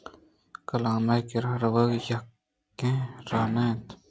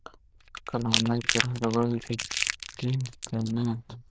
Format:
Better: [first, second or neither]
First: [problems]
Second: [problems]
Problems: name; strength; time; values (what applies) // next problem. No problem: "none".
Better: first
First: none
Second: noise reduction (neural diffusion model UNIVERSE++)